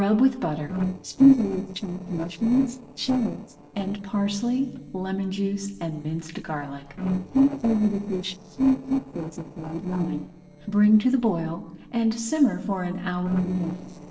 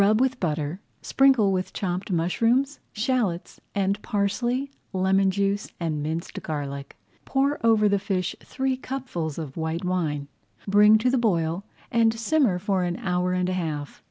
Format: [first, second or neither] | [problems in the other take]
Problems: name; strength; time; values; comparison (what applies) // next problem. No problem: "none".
second | noise reduction (neural separator model SepFormer DNS4)